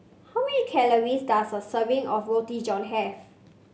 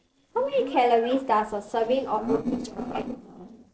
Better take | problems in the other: first | noise reduction (neural separator model SepFormer DNS4)

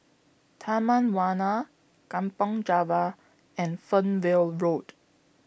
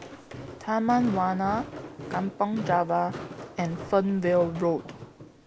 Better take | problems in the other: first | background sound (Walk, footsteps); 12 dB below the speech

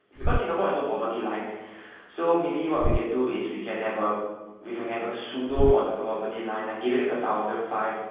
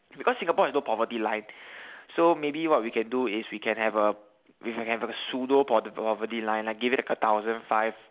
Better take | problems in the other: second | background sound (Bird); 6 dB below the speech // room echo; dies away in 1.3 s

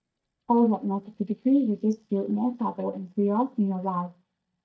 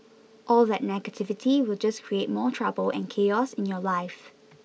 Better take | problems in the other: second | noise reduction (neural mask model DeepFilterNet 3)

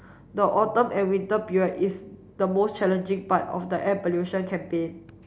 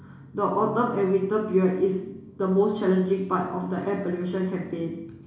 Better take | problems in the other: first | room echo; dies away in 0.7 s

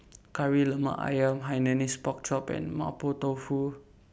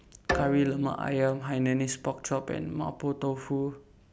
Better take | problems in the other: first | background sound (Bowed string instrument); 9 dB below the speech

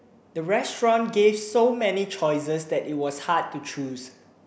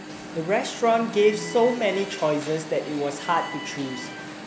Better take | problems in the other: first | background sound (Alarm); 11 dB below the speech

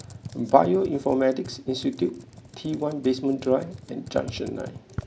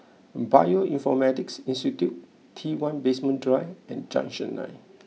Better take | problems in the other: second | background sound (Computer keyboard); 16 dB below the speech

